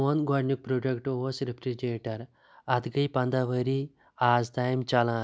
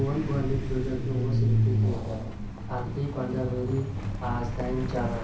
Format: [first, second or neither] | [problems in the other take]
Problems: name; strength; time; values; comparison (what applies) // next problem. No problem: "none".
first | background sound (Truck); 3 dB above the speech // room echo; dies away in 0.6 s